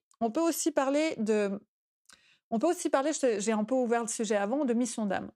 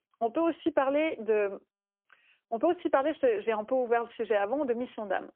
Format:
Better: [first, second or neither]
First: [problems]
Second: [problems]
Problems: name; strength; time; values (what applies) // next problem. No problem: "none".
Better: first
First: none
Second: phone-call audio; poor line; nothing above 3.5 kHz